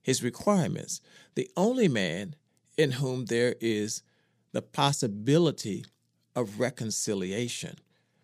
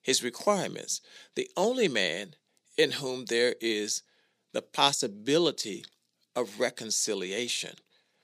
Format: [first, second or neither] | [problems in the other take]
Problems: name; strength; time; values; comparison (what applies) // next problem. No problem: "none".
first | thin; somewhat; fading below 350 Hz